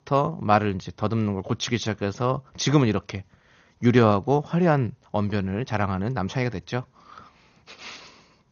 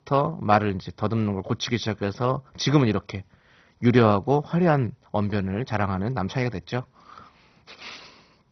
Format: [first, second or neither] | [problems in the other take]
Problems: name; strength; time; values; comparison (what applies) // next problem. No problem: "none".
first | garbled, watery; badly; nothing above 6 kHz; slightly in the first